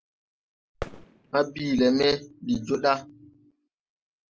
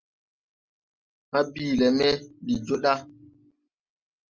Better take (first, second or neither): second